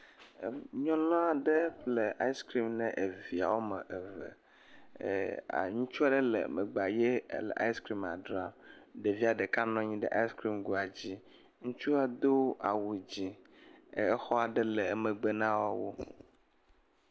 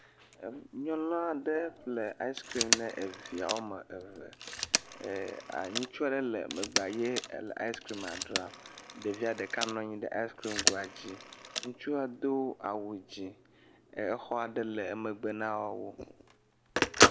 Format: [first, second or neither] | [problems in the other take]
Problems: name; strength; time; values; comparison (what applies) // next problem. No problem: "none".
first | background sound (Telephone); as loud as the speech